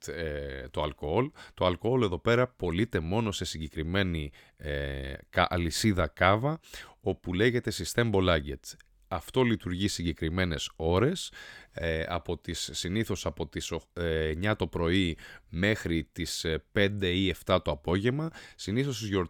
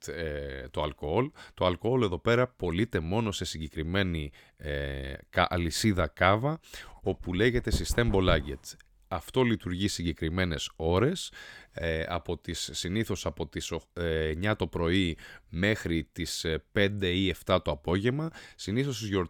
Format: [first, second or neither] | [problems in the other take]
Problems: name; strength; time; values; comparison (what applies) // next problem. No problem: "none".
first | dog barking; noticeable; from 7 to 8.5 s; peak 4 dB below the speech